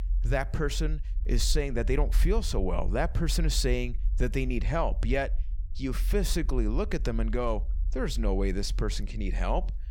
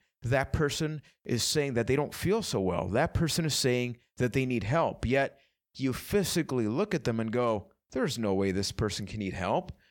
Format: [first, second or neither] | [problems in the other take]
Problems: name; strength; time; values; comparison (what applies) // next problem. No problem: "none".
second | low rumble; faint; throughout; 25 dB below the speech